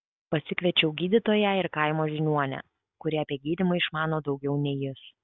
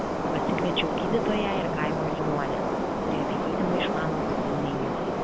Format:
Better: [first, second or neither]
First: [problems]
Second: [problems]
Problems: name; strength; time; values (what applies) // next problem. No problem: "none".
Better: first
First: none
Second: background sound (Subway, metro, underground); 5 dB above the speech